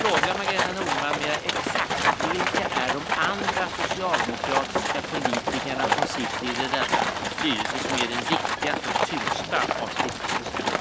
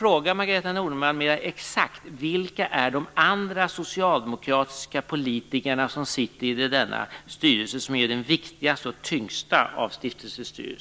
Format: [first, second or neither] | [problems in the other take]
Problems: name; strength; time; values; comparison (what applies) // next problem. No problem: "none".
second | background sound (Livestock, farm animals, working animals); 4 dB above the speech